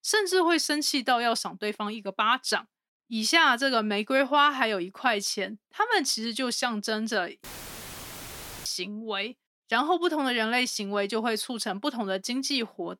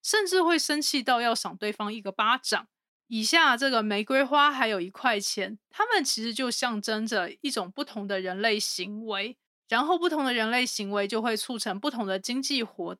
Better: second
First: audio cutting out; filled with static; at 7.5 s for 1 s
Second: none

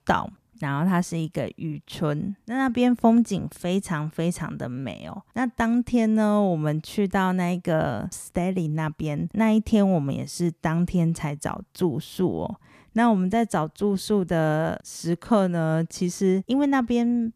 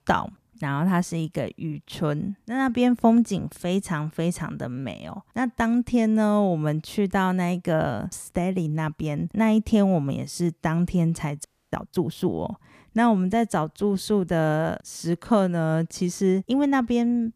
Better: first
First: none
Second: audio freezing; at 11 s

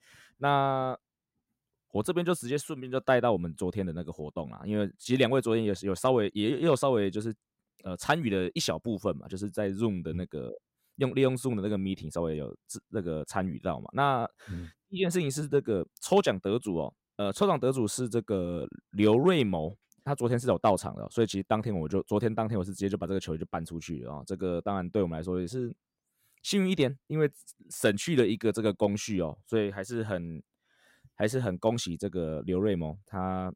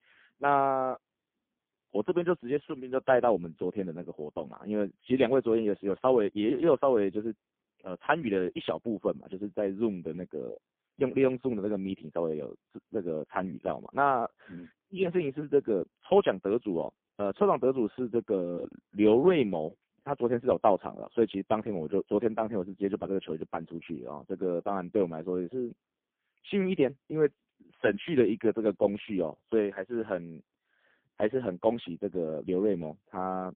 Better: first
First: none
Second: phone-call audio; poor line

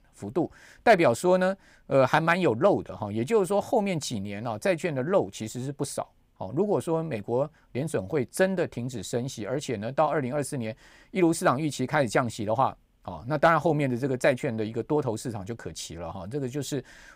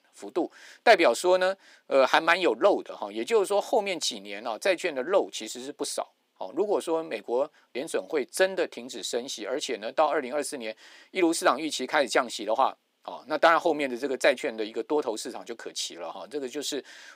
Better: first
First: none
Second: thin; somewhat; fading below 300 Hz

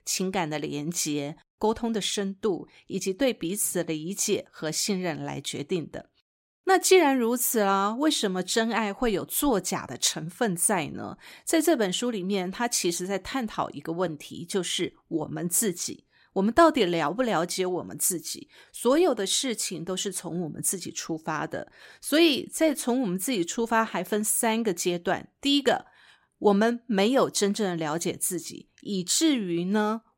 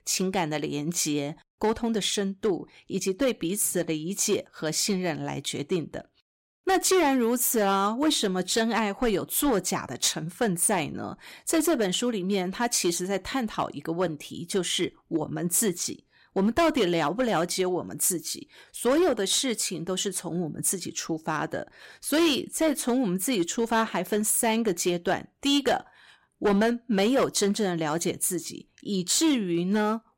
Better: first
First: none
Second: distortion; slight; 5% of the sound clipped

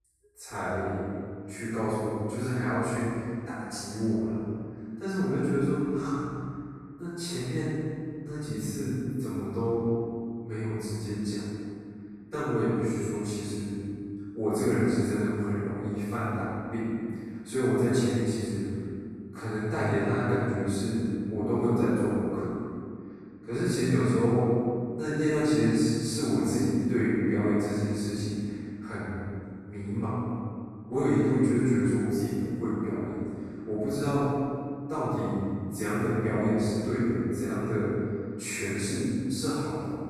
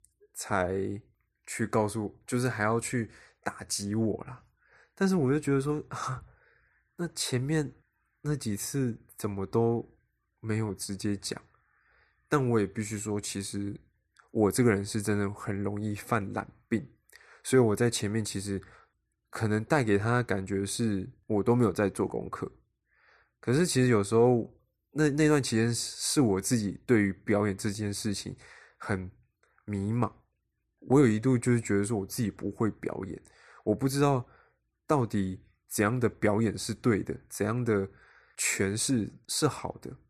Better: second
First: off-mic speech; far // room echo; strong; dies away in 2.3 s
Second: none

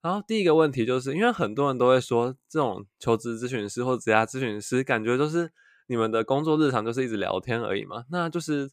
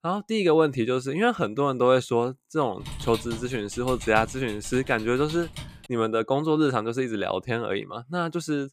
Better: first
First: none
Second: keyboard typing; faint; from 3 to 6 s; peak 10 dB below the speech

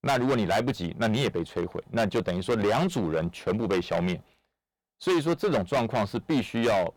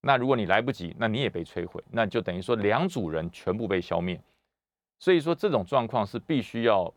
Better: second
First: distortion; heavy; 14% of the sound clipped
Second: none

